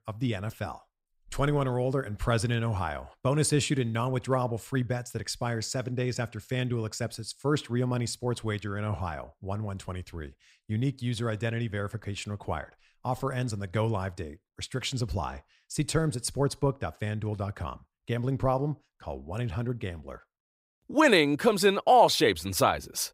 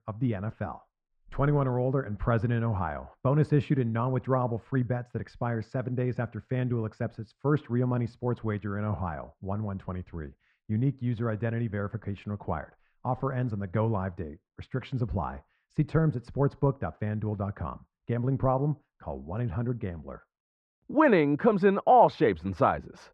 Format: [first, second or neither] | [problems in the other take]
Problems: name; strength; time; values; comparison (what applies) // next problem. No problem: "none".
first | muffled; very; fading above 1.5 kHz